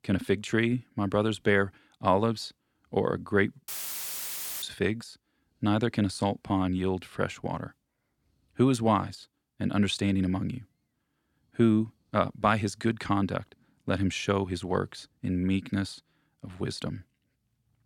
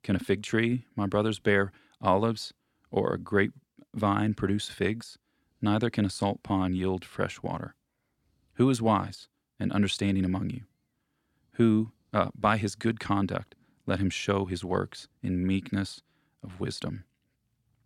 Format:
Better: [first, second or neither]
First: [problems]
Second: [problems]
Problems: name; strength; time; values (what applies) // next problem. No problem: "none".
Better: second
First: audio cutting out; filled with static; at 3.5 s for 1 s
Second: none